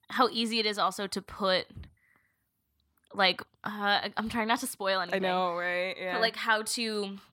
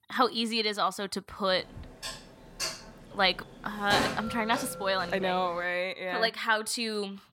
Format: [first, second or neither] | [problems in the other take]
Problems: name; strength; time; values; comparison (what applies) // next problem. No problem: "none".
first | clattering dishes; noticeable; from 2 to 5.5 s; peak level with the speech